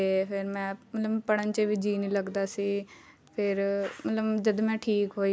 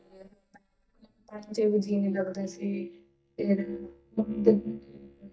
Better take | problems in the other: first | noise reduction (neural mask model DeepFilterNet 3)

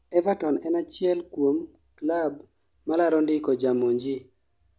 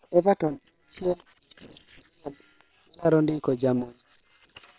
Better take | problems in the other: first | noise reduction (neural separator model SepFormer WHAM!)

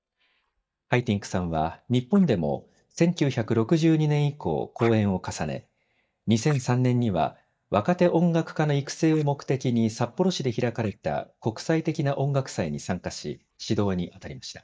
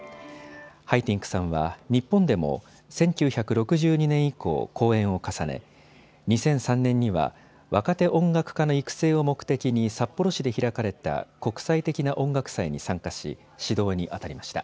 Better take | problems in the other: second | noise reduction (neural mask model DeepFilterNet 3)

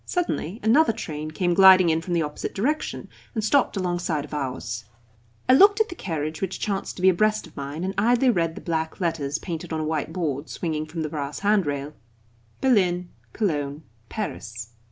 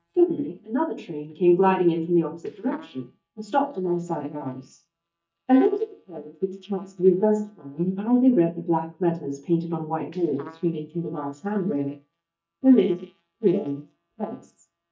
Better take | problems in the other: first | noise reduction (neural mask model DeepFilterNet 3)

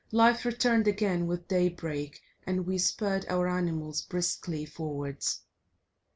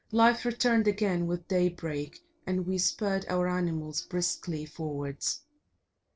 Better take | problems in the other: first | noise reduction (neural separator model SepFormer DNS4)

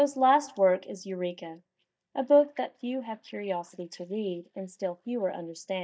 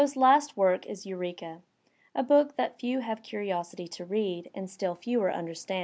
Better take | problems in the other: second | noise reduction (neural mask model DeepFilterNet 3)

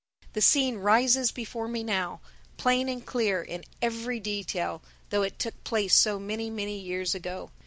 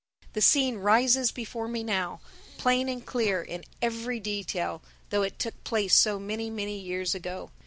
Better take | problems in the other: first | background sound (Breathing); 19 dB below the speech

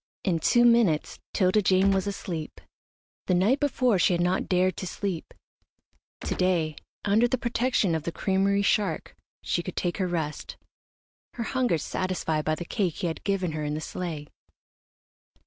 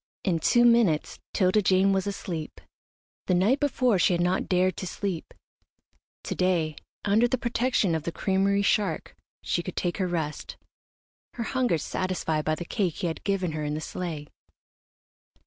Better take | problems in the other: second | background sound (Gunshot, gunfire); 8 dB below the speech

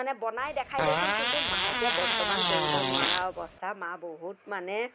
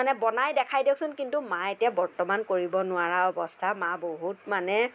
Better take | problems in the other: second | background sound (Fart); 5 dB above the speech

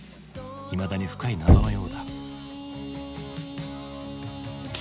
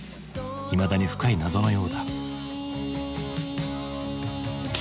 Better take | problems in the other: second | background sound (Knock); 4 dB above the speech

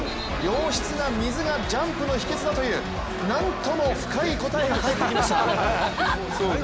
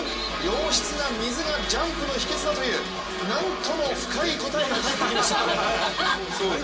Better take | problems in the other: first | room echo; dies away in 0.2 s

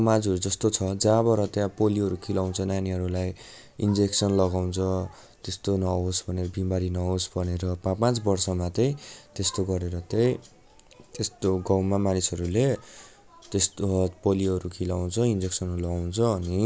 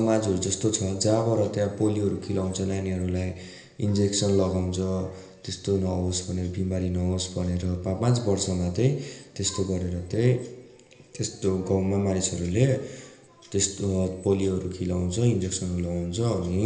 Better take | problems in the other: first | room echo; dies away in 1.4 s

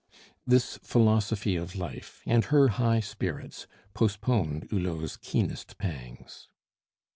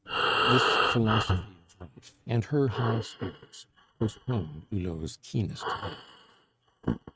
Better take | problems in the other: first | noise reduction (neural mask model RNNoise)

